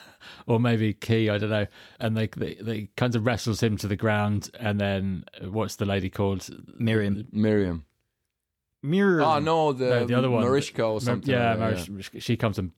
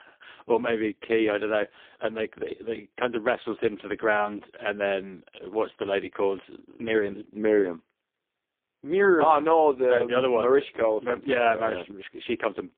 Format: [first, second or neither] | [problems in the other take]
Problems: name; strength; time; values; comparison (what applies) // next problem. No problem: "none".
first | phone-call audio; poor line